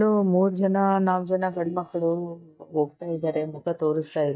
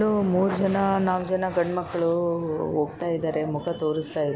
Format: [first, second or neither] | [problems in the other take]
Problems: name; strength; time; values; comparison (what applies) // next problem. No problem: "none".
second | noise reduction (neural mask model DeepFilterNet 3)